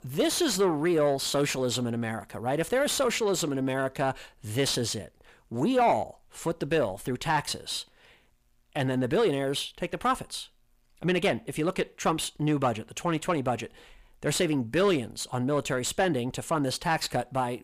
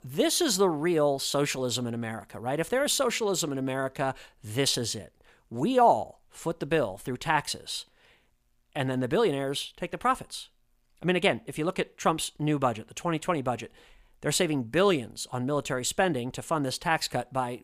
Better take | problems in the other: second | distortion; slight; 10 dB below the speech

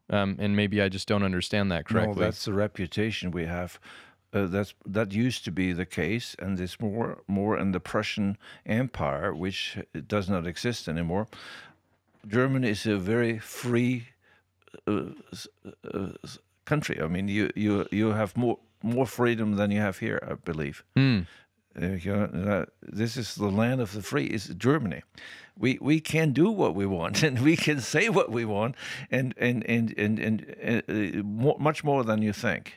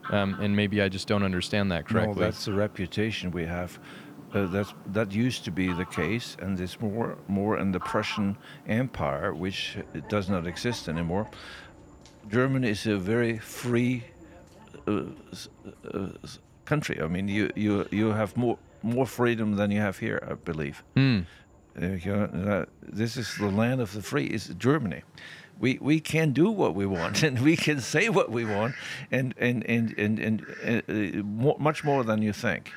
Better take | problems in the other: first | animal sounds; noticeable; throughout; 20 dB below the speech

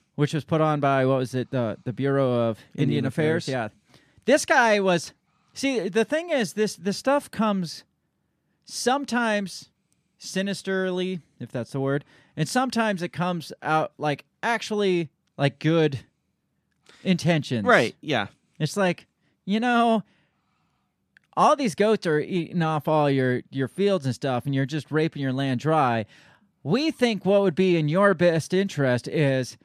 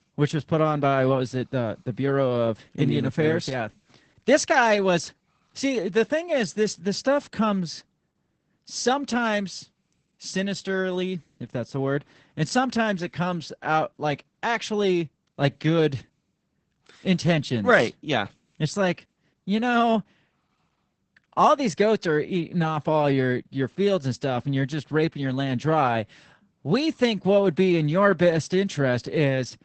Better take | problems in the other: first | garbled, watery; badly; nothing above 8 kHz

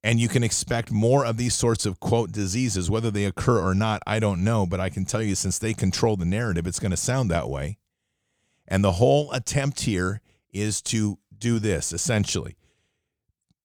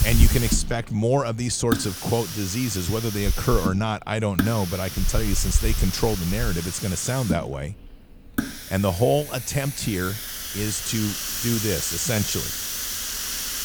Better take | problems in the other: first | hiss; loud; throughout; 3 dB below the speech

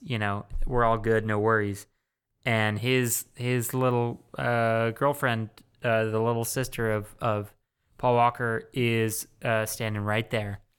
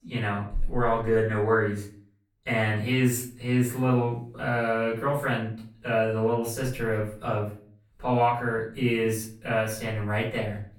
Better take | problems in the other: first | room echo; noticeable; dies away in 0.4 s // off-mic speech; far

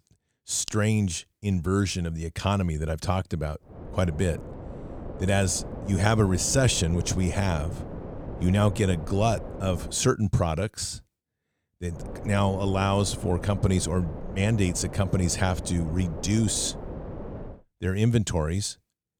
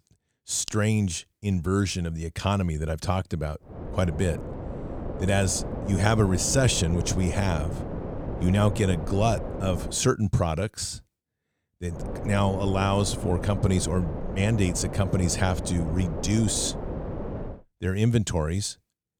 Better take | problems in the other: first | wind noise on the microphone; heavy; from 3.5 to 10 s and from 12 to 18 s; 9 dB below the speech; occasional gusts in the first

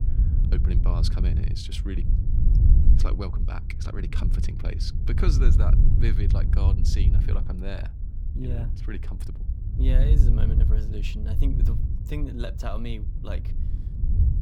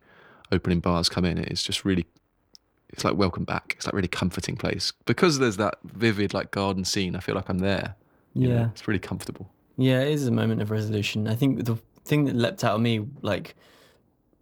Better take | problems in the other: second | low rumble; loud; throughout; 3 dB below the speech

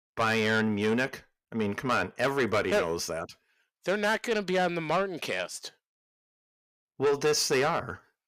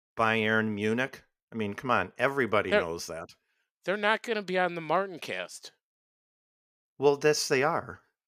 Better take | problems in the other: second | distortion; heavy; 7 dB below the speech

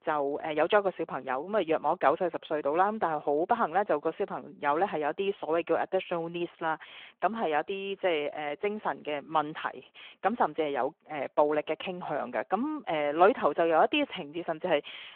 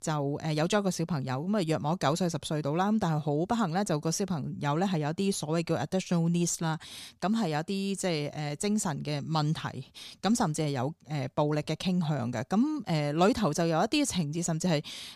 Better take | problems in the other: second | phone-call audio

